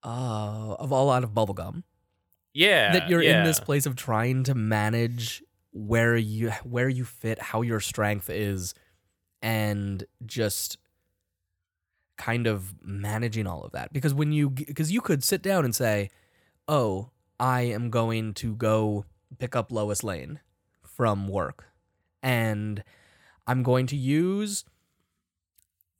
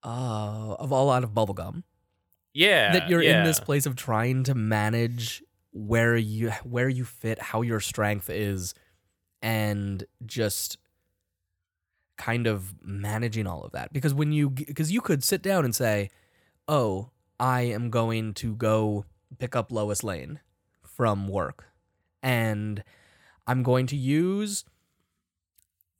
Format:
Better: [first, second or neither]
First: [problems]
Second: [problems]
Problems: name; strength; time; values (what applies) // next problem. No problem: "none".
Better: neither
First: none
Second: none